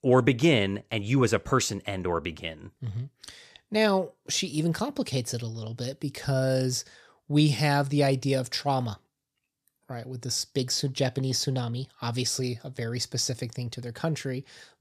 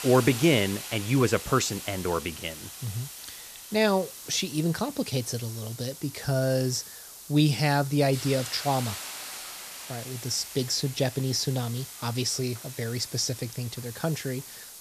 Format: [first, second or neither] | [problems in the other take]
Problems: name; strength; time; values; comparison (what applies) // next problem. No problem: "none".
first | hiss; noticeable; throughout; 10 dB below the speech